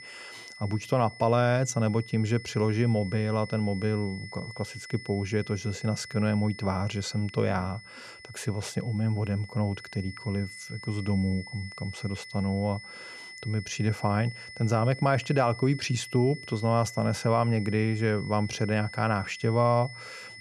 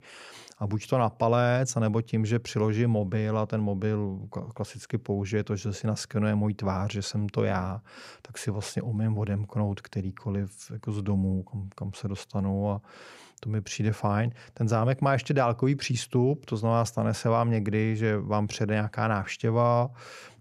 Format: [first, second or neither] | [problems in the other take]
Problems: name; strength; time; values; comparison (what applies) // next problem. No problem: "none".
second | high-pitched whine; noticeable; throughout; 2 kHz, 15 dB below the speech